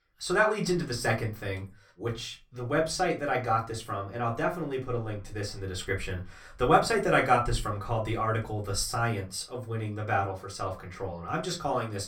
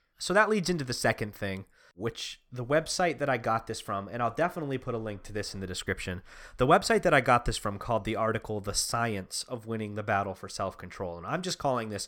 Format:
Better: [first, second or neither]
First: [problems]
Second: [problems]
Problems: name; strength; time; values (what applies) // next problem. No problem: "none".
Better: second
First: off-mic speech; far // room echo; very slight; dies away in 0.2 s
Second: none